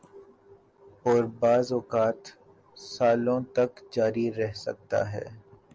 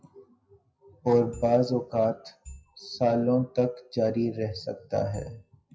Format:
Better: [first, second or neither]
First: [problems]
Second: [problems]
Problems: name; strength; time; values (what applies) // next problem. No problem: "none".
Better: first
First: none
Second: noise reduction (classical method WPE with log-MMSE)